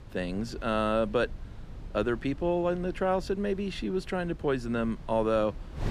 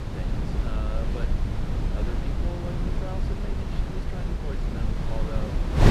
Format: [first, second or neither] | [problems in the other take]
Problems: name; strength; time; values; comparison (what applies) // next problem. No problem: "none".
first | wind noise on the microphone; heavy; 5 dB above the speech; occasional gusts in the first